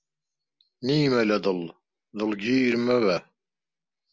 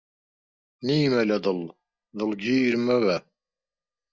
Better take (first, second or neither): first